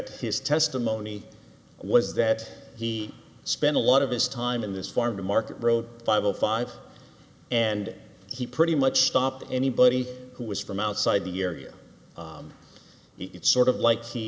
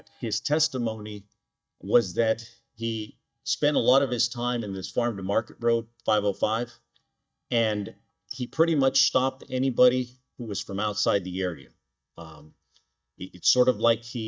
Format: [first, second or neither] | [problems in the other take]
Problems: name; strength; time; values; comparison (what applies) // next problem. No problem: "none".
first | noise reduction (neural mask model DeepFilterNet 3)